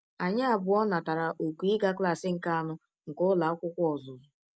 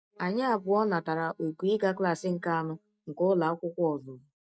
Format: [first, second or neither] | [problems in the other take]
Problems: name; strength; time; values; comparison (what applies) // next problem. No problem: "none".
first | noise reduction (neural mask model DeepFilterNet 3)